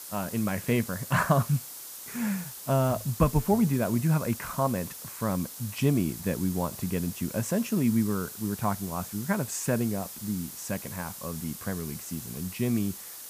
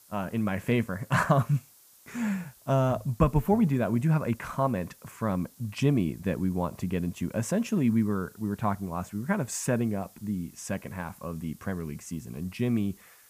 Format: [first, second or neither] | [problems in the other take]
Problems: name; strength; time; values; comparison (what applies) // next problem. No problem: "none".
second | hiss; loud; throughout; 10 dB below the speech; faint in the second